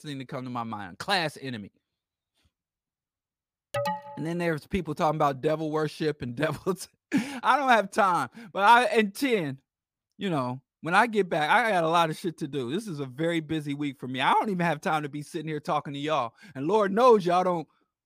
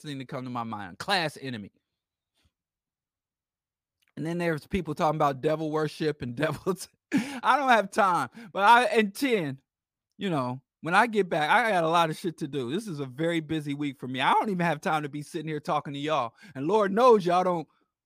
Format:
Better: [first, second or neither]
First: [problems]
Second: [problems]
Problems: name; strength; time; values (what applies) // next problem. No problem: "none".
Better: second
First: alarm; noticeable; at 3.5 s; peak 5 dB below the speech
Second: none